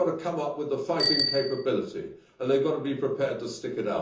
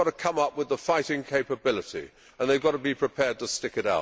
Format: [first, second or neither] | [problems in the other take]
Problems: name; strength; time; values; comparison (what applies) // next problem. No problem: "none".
second | background sound (Bicycle bell); 5 dB below the speech // room echo; dies away in 0.6 s